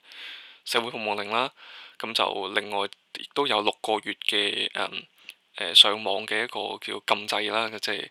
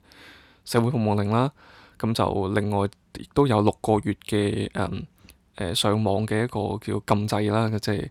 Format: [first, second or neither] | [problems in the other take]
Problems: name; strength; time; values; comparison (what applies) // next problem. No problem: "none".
second | thin; very; fading below 500 Hz